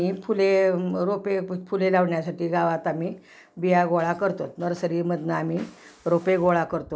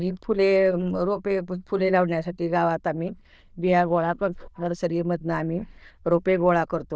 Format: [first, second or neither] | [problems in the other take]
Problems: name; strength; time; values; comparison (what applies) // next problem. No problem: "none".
first | noise reduction (neural diffusion model UNIVERSE++)